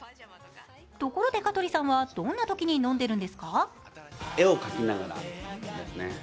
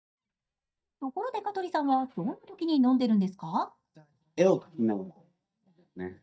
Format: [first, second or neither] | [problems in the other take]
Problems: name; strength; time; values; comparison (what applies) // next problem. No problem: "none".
first | noise reduction (neural mask model DeepFilterNet 3)